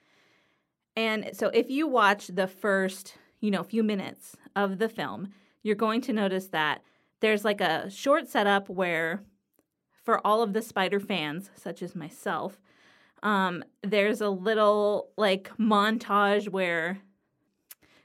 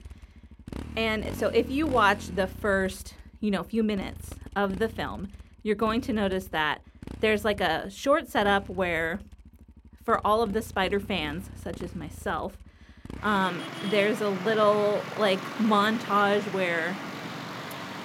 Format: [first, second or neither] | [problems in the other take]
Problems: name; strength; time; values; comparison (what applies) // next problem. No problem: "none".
first | traffic noise; noticeable; throughout; 15 dB below the speech